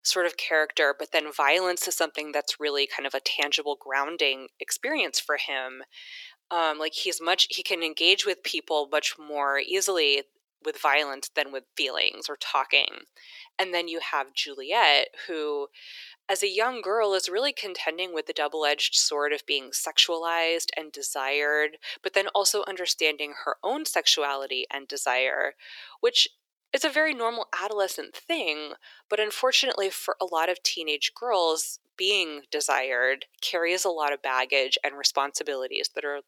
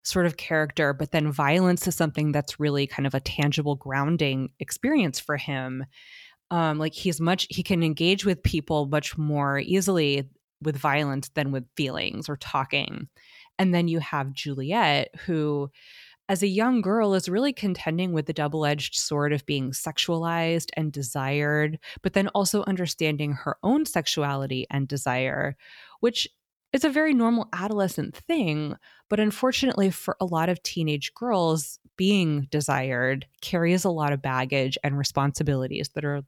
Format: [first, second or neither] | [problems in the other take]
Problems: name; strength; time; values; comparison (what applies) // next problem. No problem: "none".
second | thin; very; fading below 400 Hz